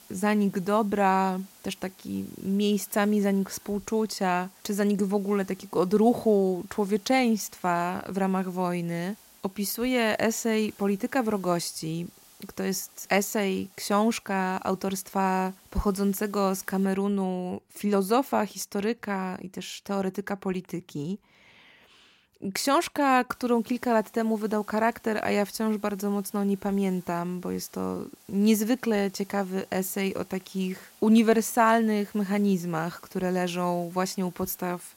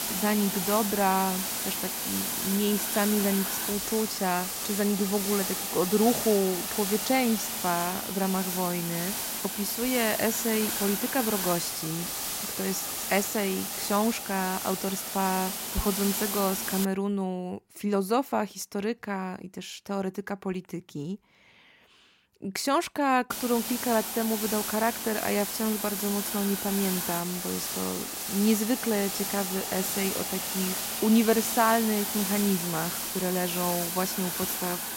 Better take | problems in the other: first | hiss; loud; until 17 s and from 23 s on; 1 dB below the speech; faint in the first

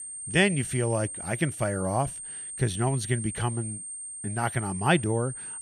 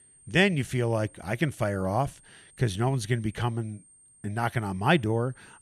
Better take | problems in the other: second | high-pitched whine; loud; throughout; 8.5 kHz, 7 dB below the speech; faint in the second

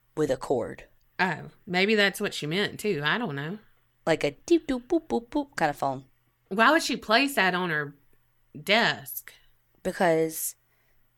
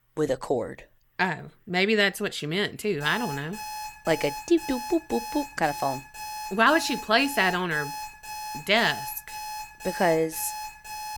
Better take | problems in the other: first | alarm; noticeable; from 3 s on; peak 10 dB below the speech

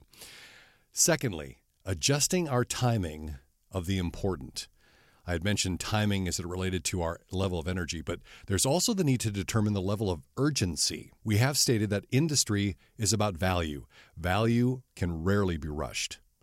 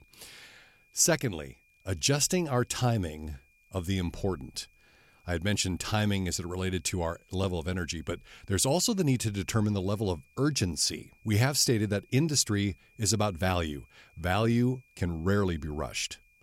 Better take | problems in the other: first | high-pitched whine; faint; throughout; 2.5 kHz, 35 dB below the speech

